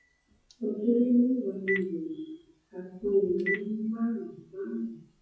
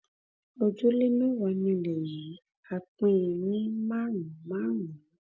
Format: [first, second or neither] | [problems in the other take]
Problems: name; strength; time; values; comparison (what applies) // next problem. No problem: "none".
second | noise reduction (classical method WPE with log-MMSE)